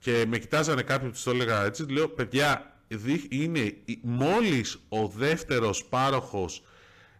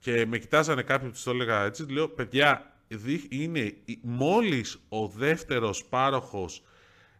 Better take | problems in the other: second | distortion; heavy; 8% of the sound clipped

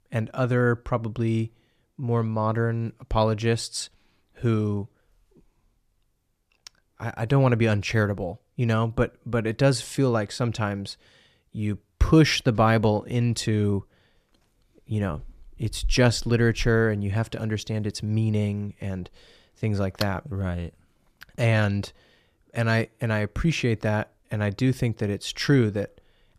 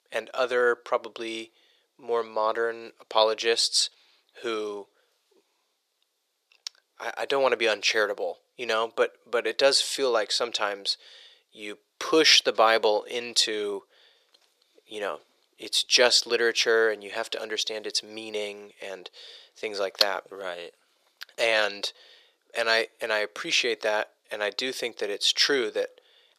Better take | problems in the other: first | thin; very; fading below 450 Hz

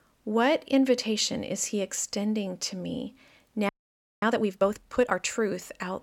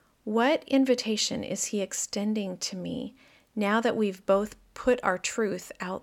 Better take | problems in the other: second | audio freezing; at 3.5 s for 0.5 s

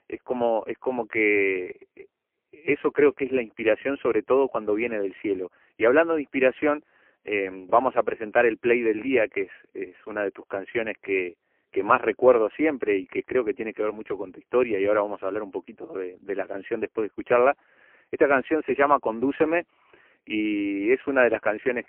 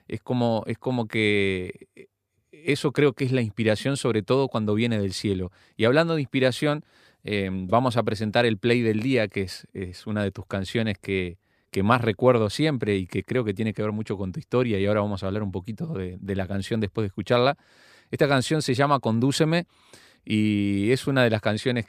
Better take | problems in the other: second | phone-call audio; poor line; nothing above 2.5 kHz

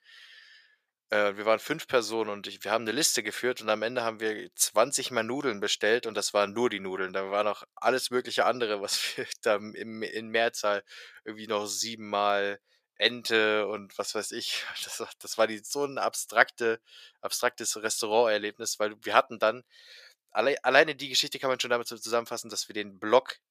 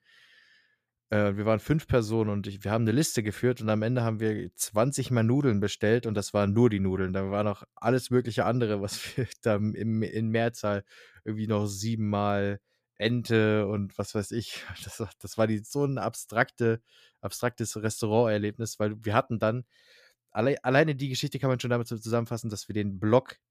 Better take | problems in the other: second | thin; very; fading below 550 Hz

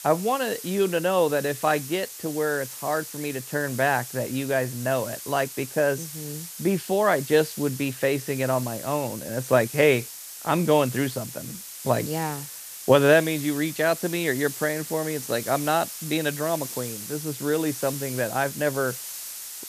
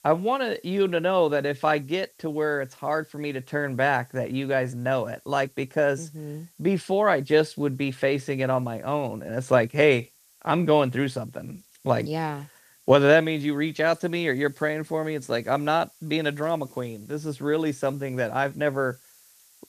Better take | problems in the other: second | hiss; loud; throughout; 10 dB below the speech; faint in the second

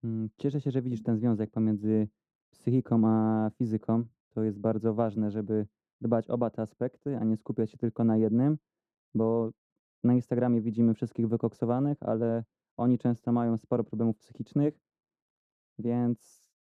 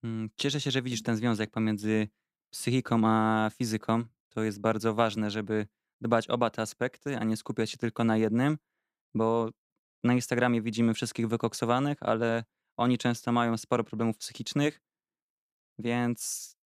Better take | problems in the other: second | muffled; very; fading above 1 kHz

